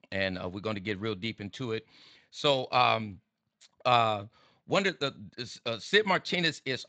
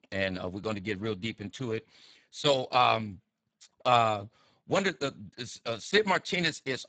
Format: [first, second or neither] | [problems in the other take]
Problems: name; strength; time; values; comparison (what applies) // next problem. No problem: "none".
first | garbled, watery; badly; nothing above 7.5 kHz; slightly in the first